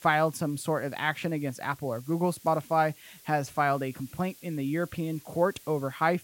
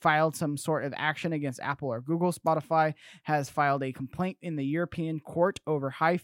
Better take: second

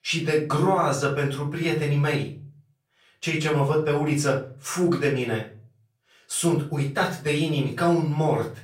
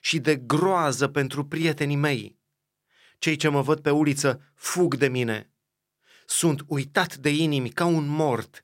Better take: second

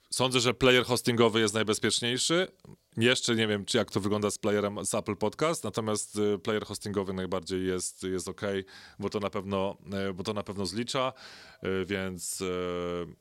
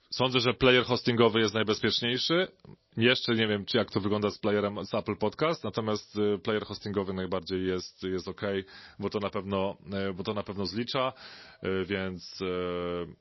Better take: first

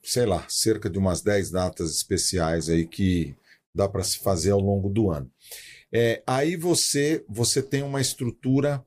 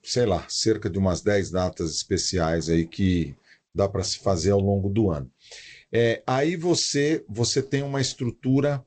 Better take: first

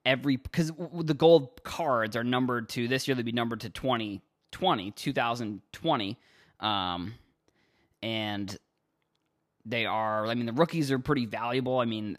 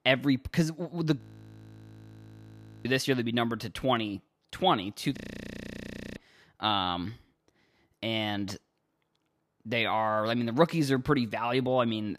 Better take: first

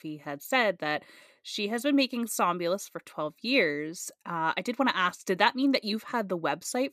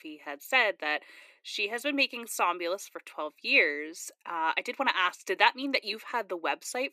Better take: first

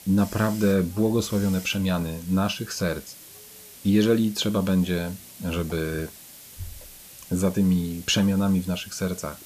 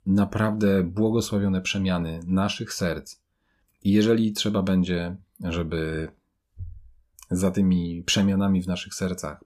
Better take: second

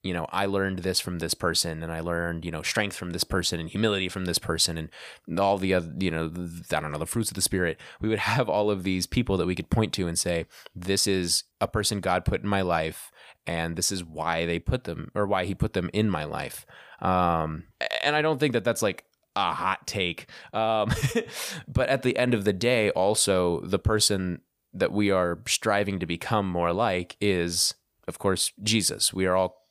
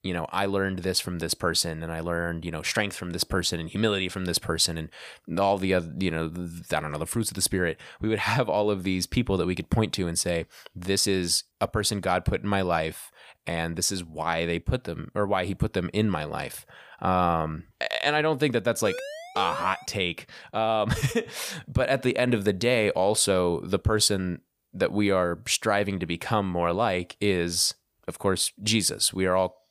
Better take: first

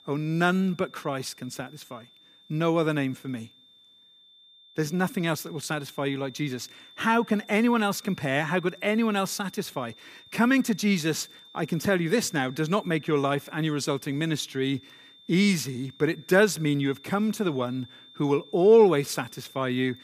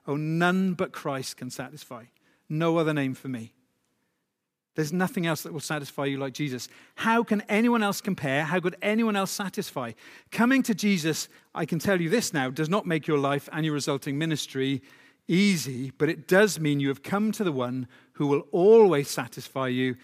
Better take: second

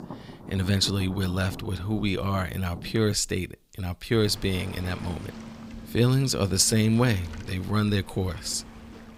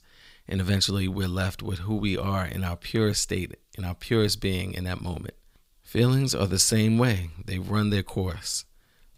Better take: second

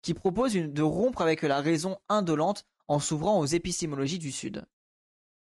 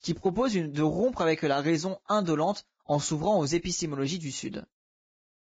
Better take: first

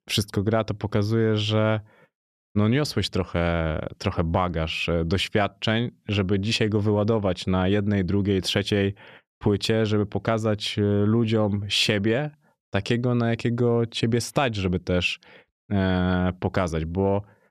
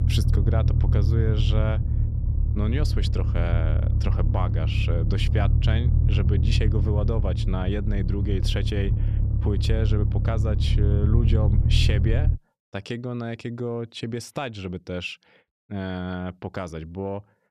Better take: first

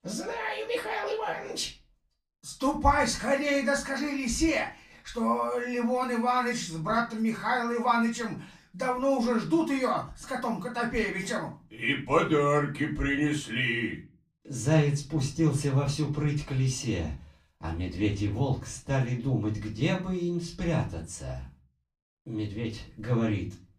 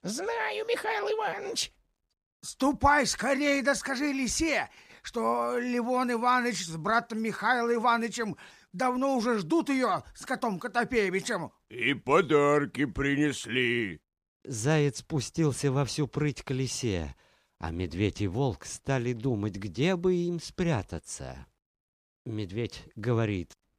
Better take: second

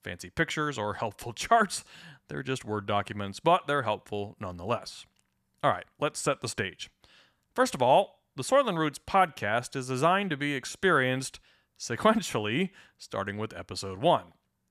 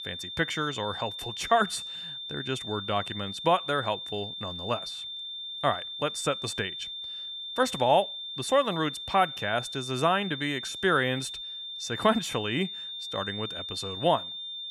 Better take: first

